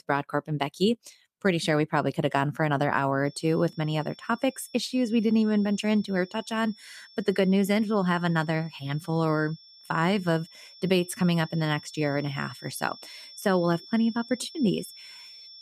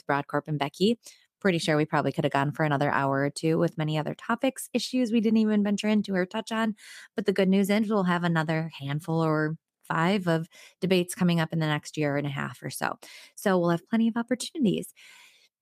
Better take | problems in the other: second | high-pitched whine; faint; from 3.5 s on; 5.5 kHz, 20 dB below the speech

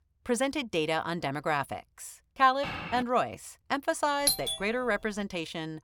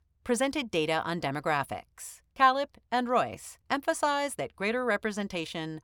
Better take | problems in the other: second | footsteps; noticeable; at 2.5 s; peak 7 dB below the speech // doorbell; loud; at 4.5 s; peak 3 dB above the speech

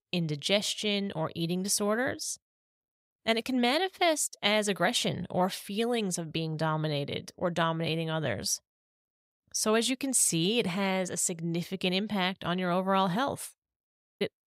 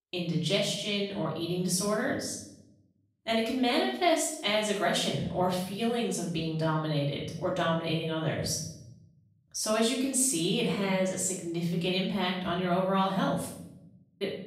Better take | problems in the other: first | off-mic speech; far // room echo; noticeable; dies away in 0.8 s

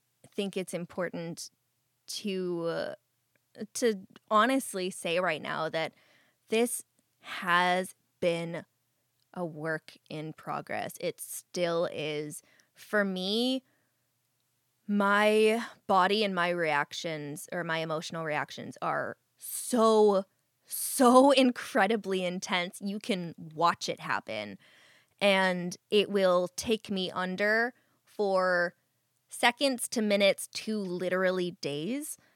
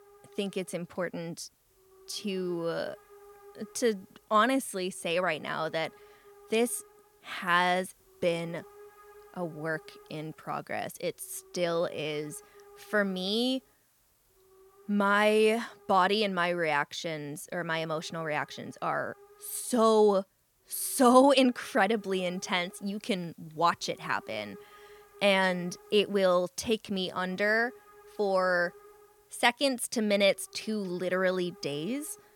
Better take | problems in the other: first | hiss; faint; throughout; 25 dB below the speech

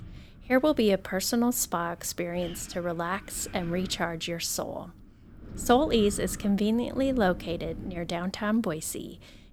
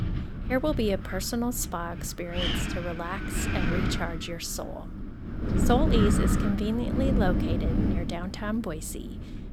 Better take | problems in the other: first | wind noise on the microphone; heavy; 2 dB below the speech; occasional gusts in the first

